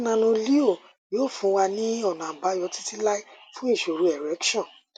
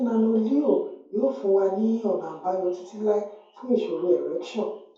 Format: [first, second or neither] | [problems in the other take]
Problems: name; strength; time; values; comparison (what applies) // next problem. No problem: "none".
first | room echo; dies away in 0.6 s